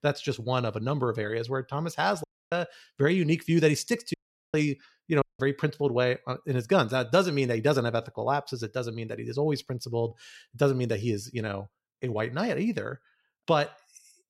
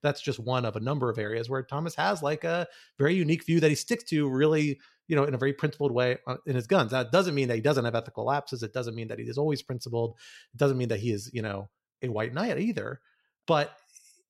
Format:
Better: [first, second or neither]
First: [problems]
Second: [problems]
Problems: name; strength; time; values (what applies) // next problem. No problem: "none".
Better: second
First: audio cutting out; at 2 s, at 4 s and at 5 s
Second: none